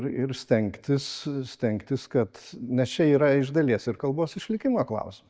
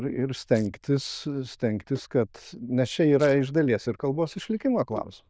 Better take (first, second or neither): first